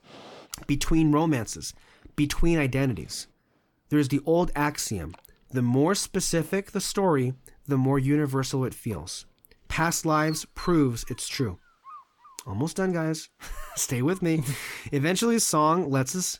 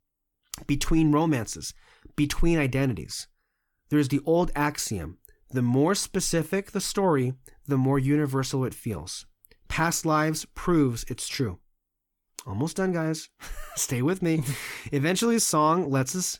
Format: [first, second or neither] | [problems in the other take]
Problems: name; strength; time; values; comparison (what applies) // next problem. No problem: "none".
second | animal sounds; faint; throughout; 25 dB below the speech